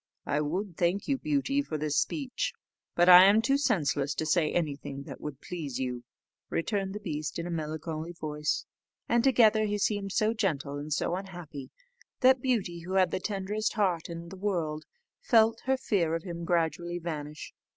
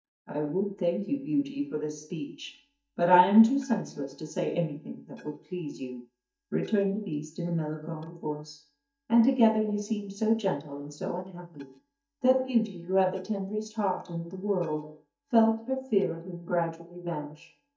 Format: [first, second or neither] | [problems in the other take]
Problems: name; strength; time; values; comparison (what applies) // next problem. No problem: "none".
first | noise reduction (neural mask model DeepFilterNet 3)